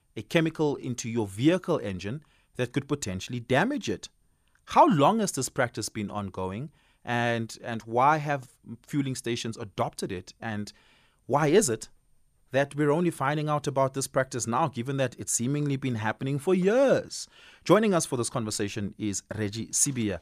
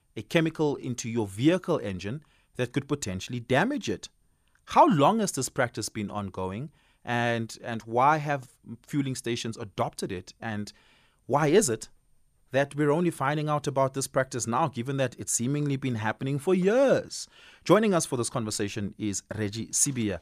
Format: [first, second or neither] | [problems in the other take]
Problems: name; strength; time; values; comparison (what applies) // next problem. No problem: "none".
neither | none